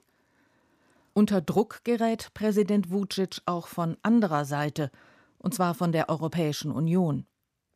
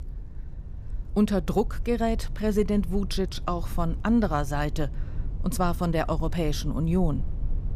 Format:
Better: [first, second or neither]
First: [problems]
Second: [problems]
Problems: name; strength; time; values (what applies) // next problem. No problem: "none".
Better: first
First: none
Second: low rumble; faint; throughout; 20 dB below the speech